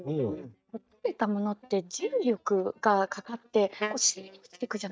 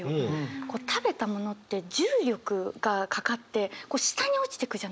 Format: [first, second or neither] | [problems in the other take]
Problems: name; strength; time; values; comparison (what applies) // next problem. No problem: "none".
second | noise reduction (neural mask model DeepFilterNet 3)